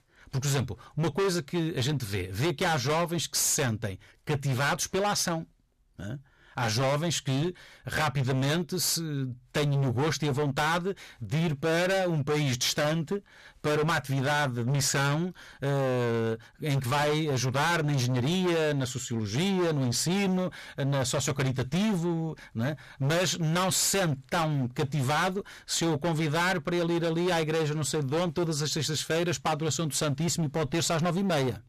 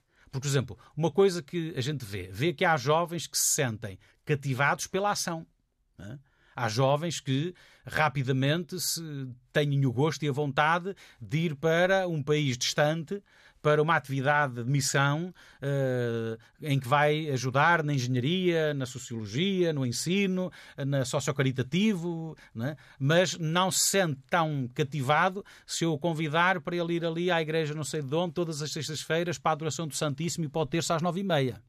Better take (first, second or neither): second